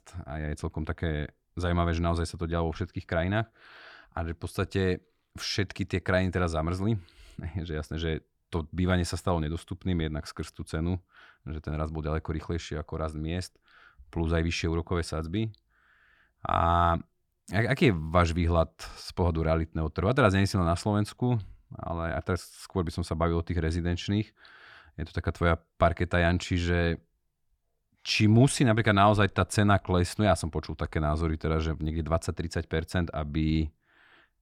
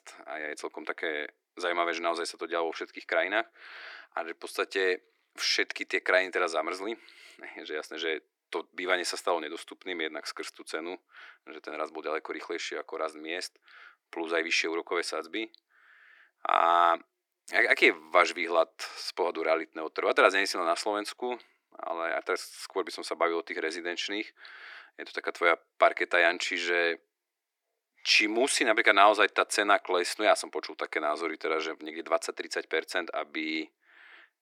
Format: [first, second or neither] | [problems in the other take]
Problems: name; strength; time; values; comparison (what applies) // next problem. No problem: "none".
first | thin; very; fading below 350 Hz